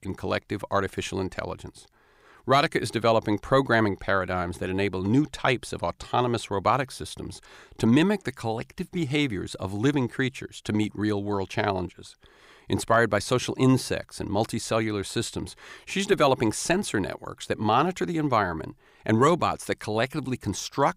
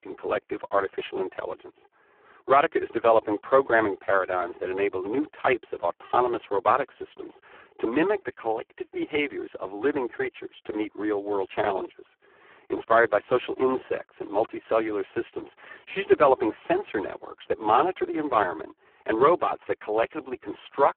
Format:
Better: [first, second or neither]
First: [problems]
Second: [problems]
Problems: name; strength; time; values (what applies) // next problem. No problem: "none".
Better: first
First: none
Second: phone-call audio; poor line